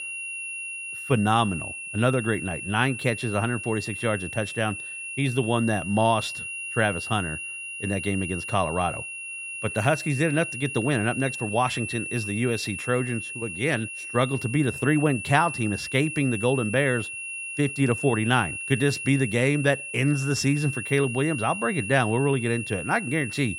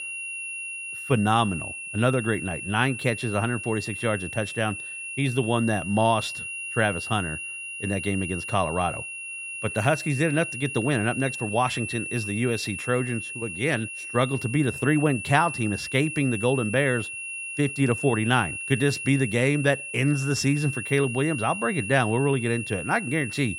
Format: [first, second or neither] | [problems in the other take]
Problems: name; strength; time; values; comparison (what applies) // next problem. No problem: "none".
neither | high-pitched whine; loud; throughout; 2.5 kHz, 7 dB below the speech; the same in both